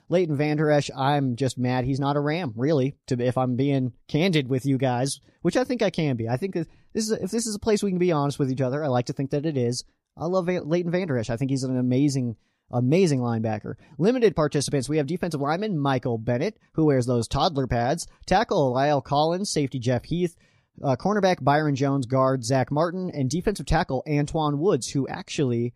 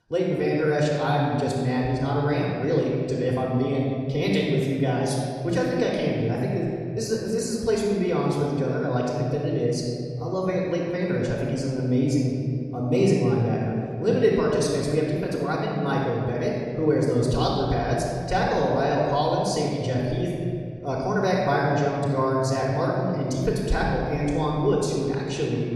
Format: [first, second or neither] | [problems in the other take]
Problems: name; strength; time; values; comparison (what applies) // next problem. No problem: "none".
first | off-mic speech; far // room echo; noticeable; dies away in 2.1 s